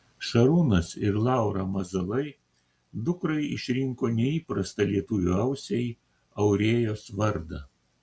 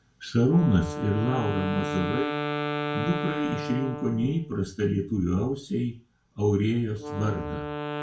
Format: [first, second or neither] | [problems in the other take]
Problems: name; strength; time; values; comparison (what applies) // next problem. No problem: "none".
first | background sound (Wind instrument, woodwind instrument); 6 dB below the speech // room echo; dies away in 0.3 s